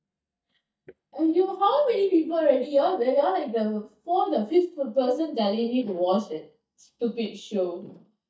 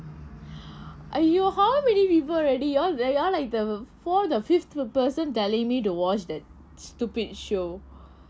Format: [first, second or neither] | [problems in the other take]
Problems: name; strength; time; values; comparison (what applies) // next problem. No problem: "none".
second | noise reduction (neural mask model DeepFilterNet 3)